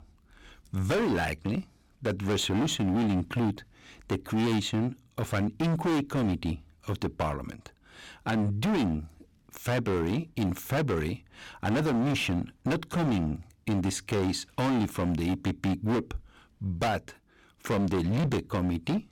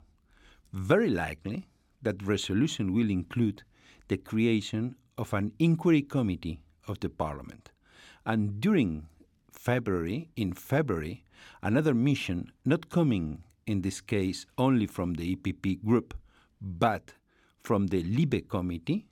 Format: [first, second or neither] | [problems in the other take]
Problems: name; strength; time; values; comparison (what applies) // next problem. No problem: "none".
second | distortion; heavy; 21% of the sound clipped